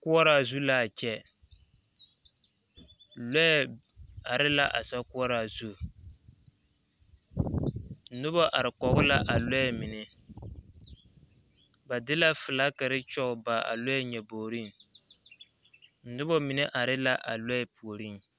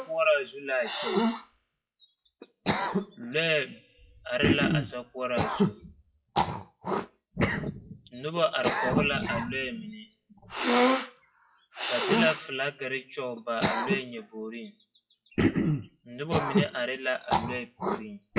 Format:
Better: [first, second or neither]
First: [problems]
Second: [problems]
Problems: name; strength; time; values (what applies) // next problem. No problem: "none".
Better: first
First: none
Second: noise reduction (classical method WPE with log-MMSE)